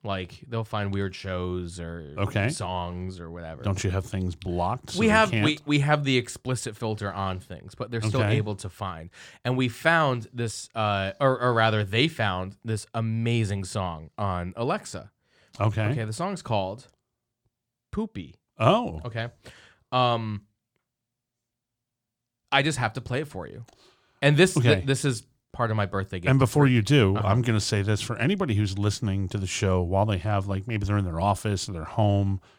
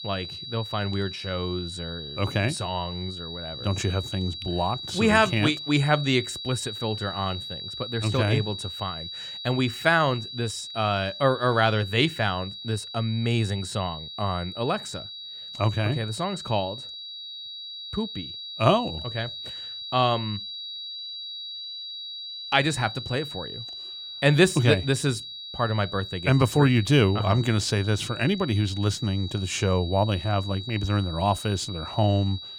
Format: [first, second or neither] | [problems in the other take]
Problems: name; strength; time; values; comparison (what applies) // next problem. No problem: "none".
first | high-pitched whine; loud; throughout; 4 kHz, 10 dB below the speech